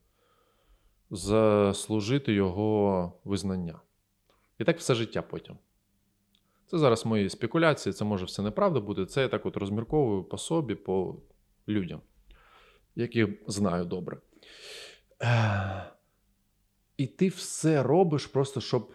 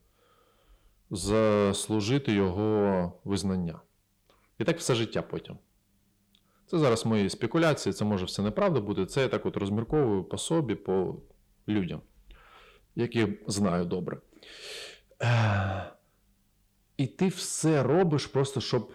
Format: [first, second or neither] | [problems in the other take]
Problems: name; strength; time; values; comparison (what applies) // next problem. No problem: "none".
first | distortion; slight; 10 dB below the speech